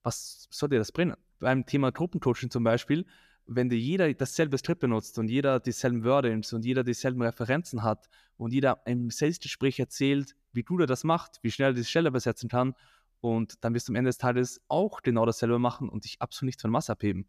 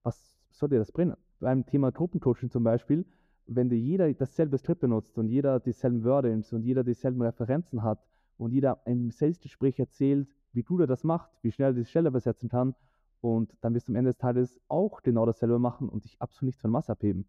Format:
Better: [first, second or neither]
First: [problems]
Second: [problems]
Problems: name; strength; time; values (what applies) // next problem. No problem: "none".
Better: first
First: none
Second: muffled; very; fading above 1.5 kHz